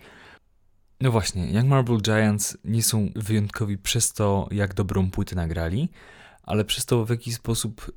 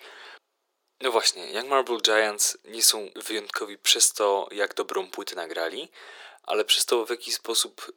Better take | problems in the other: first | thin; very; fading below 350 Hz

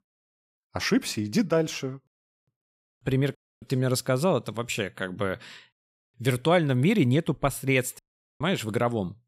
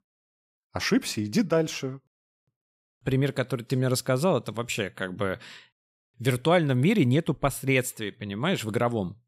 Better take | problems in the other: second | audio cutting out; at 3.5 s and at 8 s

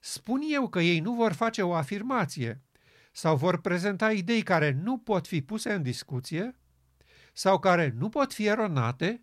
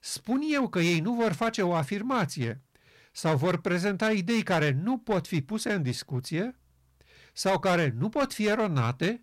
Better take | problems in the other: first | distortion; slight; 7% of the sound clipped

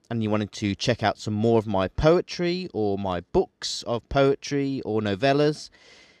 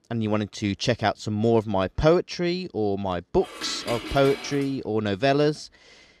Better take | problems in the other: first | clattering dishes; noticeable; from 3.5 to 4.5 s; peak 8 dB below the speech

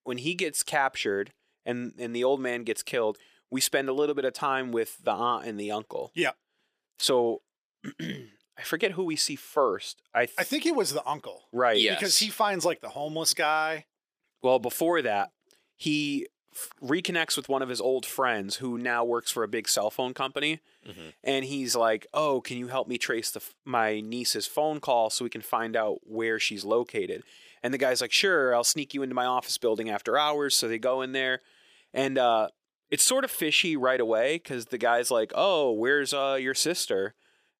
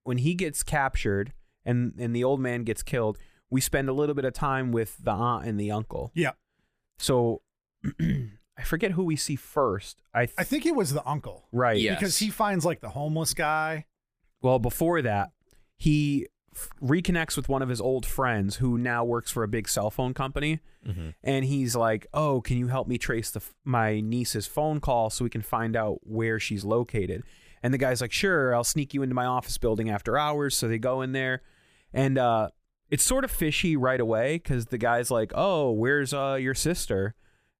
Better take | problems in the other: second | thin; somewhat; fading below 350 Hz

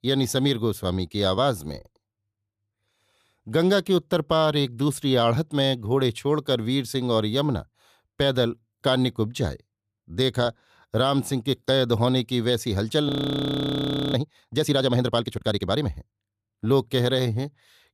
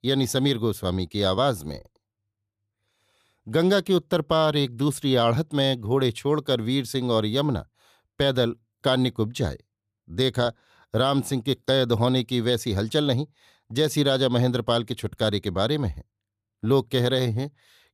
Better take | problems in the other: second | audio freezing; at 13 s for 1 s

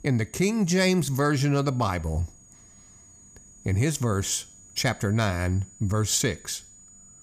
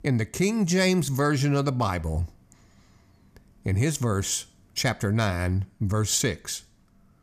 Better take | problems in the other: second | high-pitched whine; faint; throughout; 7 kHz, 25 dB below the speech

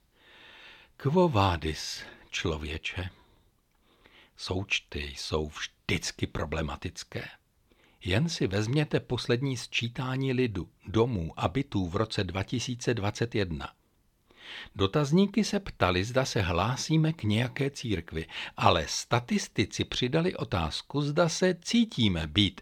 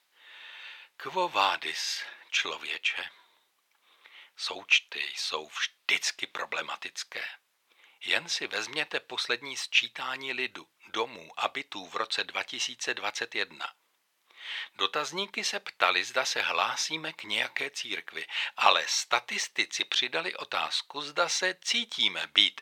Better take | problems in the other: first | thin; very; fading below 800 Hz

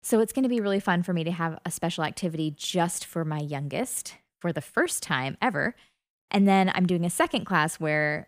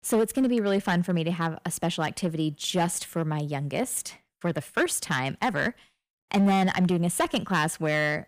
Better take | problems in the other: first | distortion; slight; 4% of the sound clipped

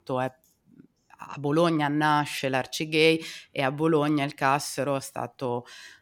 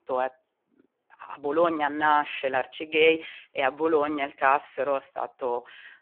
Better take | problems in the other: first | phone-call audio; poor line

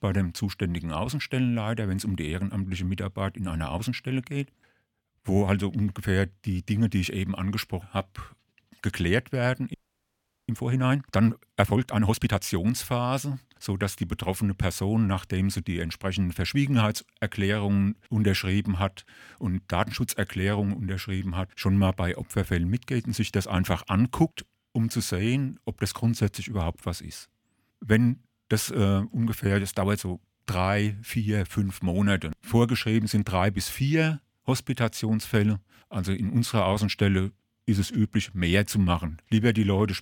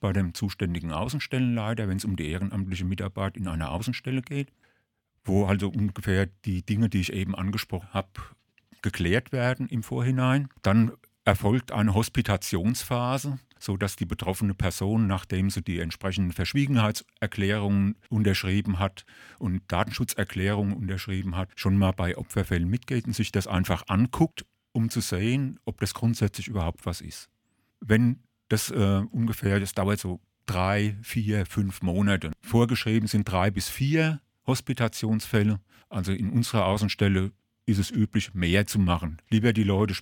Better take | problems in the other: second | audio freezing; at 9.5 s for 1 s

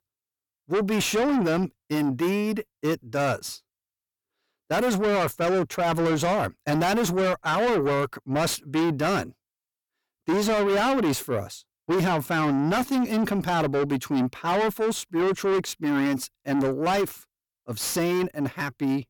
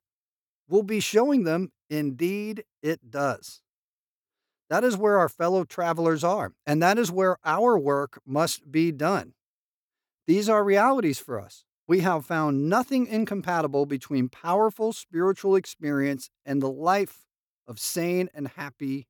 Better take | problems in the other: second | distortion; heavy; 6 dB below the speech

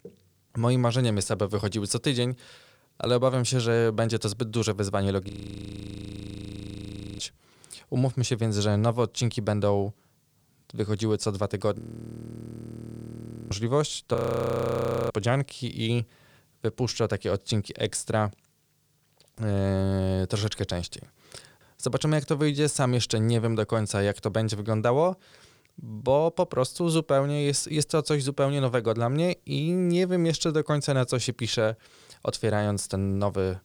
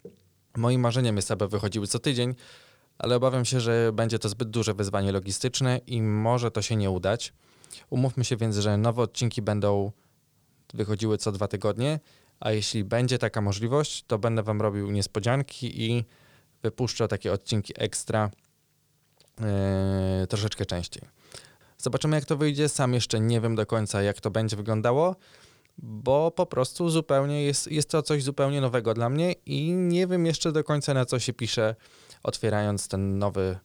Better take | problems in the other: second | audio freezing; at 5.5 s for 2 s, at 12 s for 1.5 s and at 14 s for 1 s

